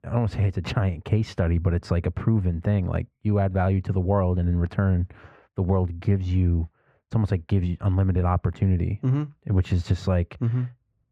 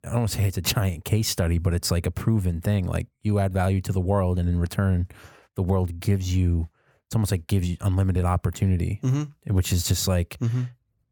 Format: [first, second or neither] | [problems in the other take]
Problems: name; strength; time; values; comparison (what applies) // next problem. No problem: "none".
second | muffled; very; fading above 2 kHz